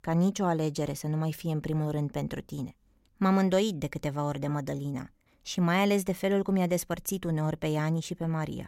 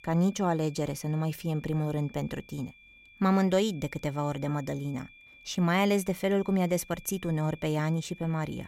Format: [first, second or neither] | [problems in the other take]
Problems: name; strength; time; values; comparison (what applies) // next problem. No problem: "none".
first | high-pitched whine; faint; throughout; 2.5 kHz, 25 dB below the speech